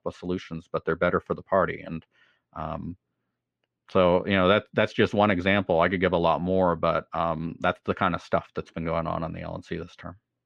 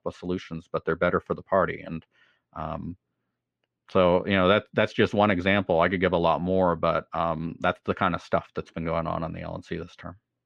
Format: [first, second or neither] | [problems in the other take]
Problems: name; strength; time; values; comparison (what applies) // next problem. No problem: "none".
neither | muffled; slightly; fading above 3 kHz; the same in both